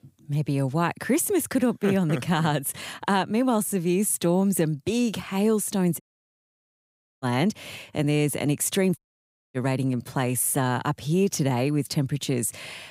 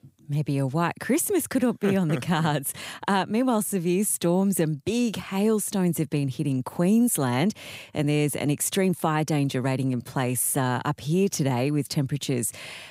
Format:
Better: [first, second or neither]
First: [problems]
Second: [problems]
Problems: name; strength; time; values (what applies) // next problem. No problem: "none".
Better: second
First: audio cutting out; at 6 s for 1 s and at 9 s for 0.5 s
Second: none